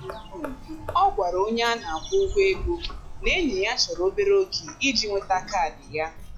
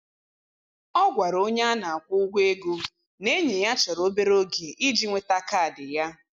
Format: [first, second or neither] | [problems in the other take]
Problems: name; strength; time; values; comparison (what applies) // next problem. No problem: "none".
second | noise reduction (classical method log-MMSE)